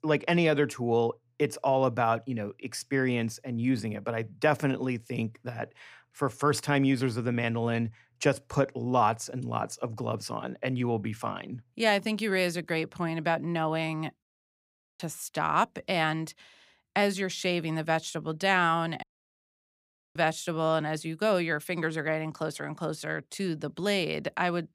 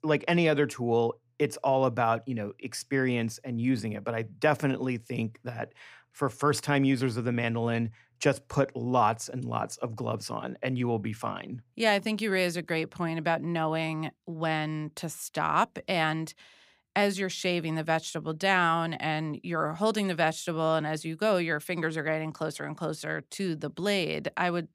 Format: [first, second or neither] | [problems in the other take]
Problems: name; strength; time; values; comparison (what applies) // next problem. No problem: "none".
second | audio cutting out; at 14 s for 1 s and at 19 s for 1 s